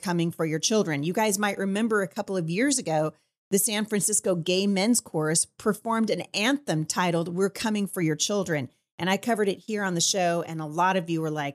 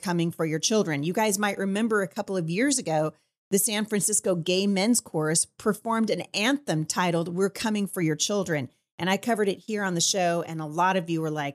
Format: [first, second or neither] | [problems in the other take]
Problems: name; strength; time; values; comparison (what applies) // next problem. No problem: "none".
neither | none